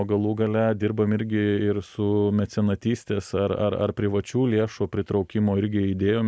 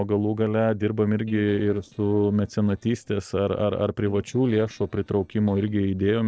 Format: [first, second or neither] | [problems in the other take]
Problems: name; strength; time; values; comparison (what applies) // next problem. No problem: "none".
first | noise reduction (neural separator model SepFormer DNS4)